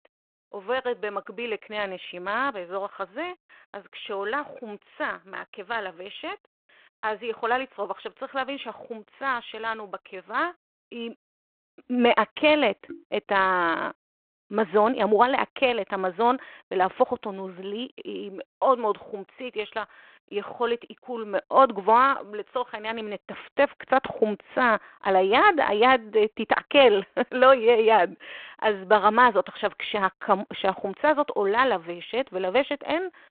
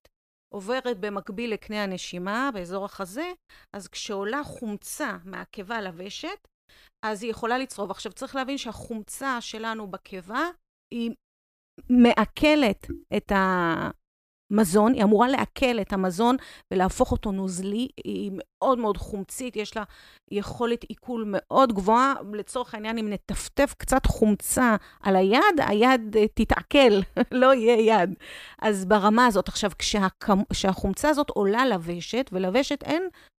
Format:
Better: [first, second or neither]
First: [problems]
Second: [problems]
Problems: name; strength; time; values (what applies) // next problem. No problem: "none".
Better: second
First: phone-call audio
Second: none